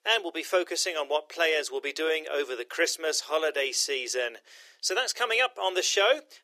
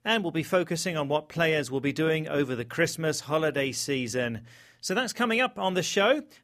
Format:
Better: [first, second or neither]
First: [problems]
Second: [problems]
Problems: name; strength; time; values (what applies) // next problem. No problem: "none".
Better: second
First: thin; very; fading below 350 Hz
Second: none